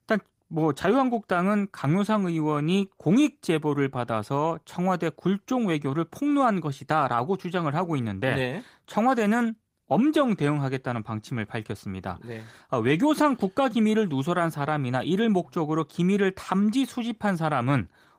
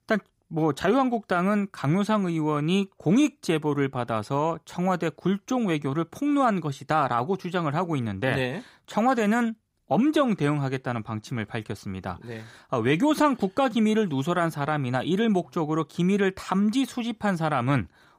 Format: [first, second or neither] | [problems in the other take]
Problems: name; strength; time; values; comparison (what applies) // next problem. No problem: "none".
second | garbled, watery; slightly; nothing above 15.5 kHz